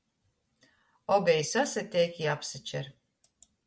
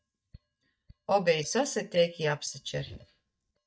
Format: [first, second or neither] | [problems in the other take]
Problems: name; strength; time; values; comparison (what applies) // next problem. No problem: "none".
first | noise reduction (neural mask model DeepFilterNet 3)